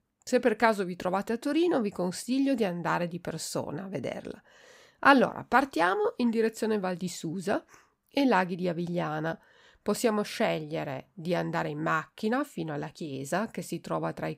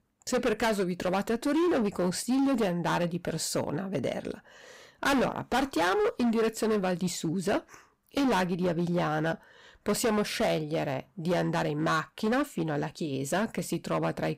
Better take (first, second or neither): first